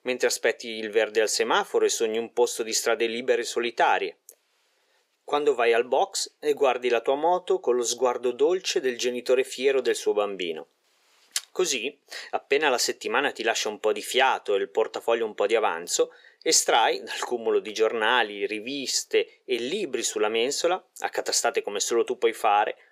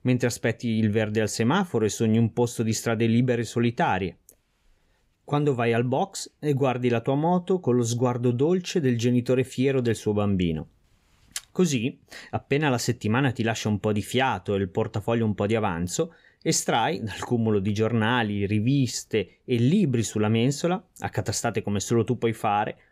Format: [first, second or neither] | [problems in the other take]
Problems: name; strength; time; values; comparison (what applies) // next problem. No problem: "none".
second | thin; very; fading below 400 Hz